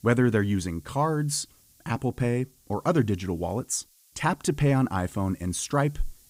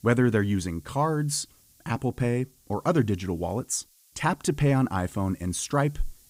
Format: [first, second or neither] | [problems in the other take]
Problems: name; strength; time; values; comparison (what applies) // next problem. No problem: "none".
neither | hiss; faint; throughout; 30 dB below the speech; the same in both